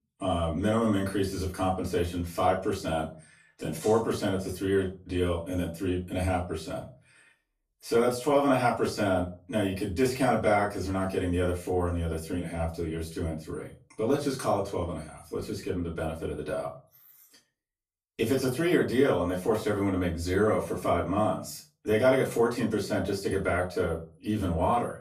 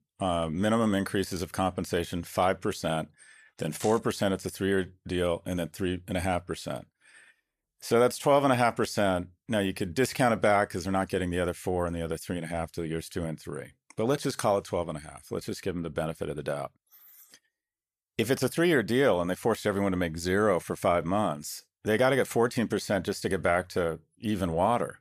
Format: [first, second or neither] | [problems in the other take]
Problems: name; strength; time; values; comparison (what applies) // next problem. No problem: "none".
second | room echo; slight; dies away in 0.3 s // off-mic speech; far